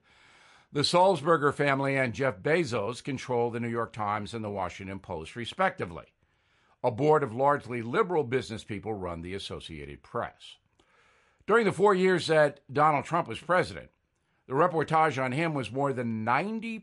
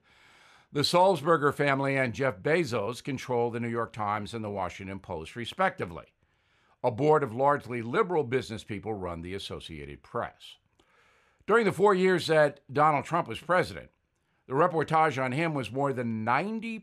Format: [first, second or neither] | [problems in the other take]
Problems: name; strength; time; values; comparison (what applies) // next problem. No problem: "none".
second | garbled, watery; slightly